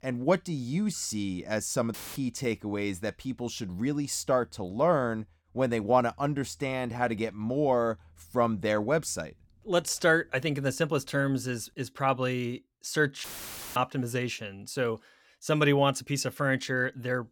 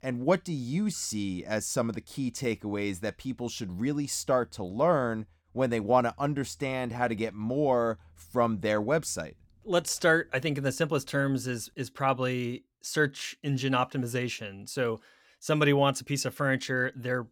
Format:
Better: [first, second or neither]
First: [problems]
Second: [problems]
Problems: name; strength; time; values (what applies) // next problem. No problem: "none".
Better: second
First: audio cutting out; filled with static; at 2 s and at 13 s for 0.5 s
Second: none